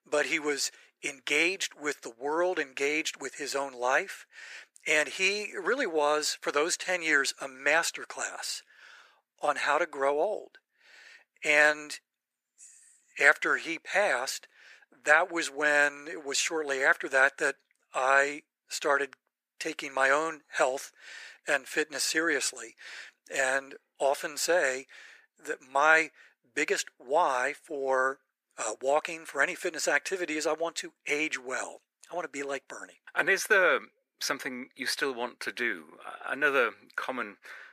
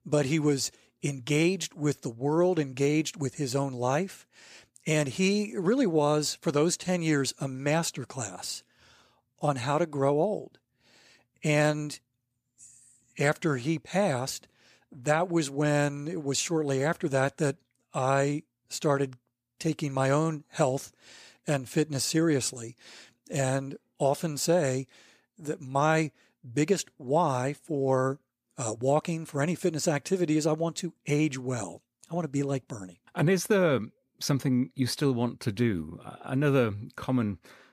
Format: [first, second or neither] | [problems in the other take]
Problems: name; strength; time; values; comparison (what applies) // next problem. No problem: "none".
second | thin; very; fading below 450 Hz